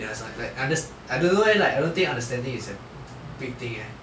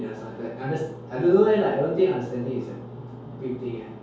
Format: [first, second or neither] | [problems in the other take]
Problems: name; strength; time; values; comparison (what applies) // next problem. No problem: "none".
first | room echo; dies away in 2.4 s